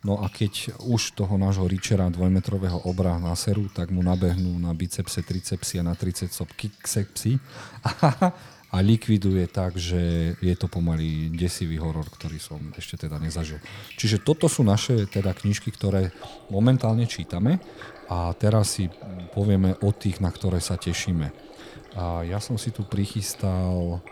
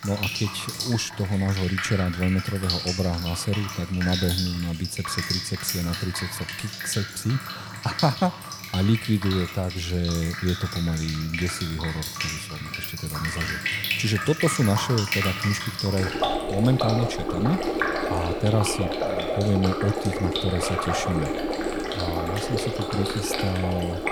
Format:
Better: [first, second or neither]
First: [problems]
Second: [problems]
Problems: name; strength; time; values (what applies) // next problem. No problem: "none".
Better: first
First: rain or running water; faint; throughout; 20 dB below the speech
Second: rain or running water; loud; throughout; 2 dB below the speech